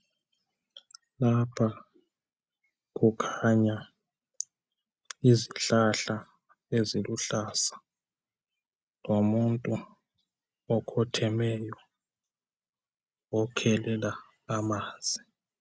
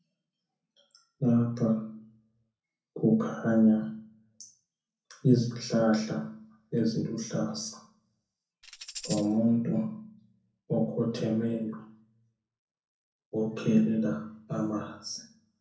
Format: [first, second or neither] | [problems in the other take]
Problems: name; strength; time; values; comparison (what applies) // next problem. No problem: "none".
first | background sound (Tambourine); 12 dB below the speech // room echo; dies away in 0.5 s